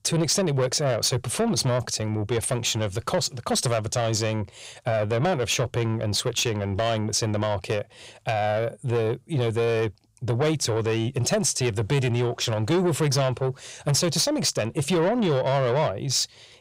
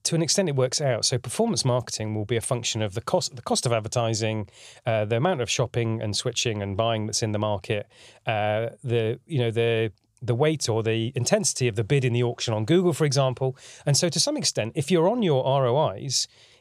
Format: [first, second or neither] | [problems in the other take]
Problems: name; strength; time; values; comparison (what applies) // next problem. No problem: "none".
second | distortion; slight; 10 dB below the speech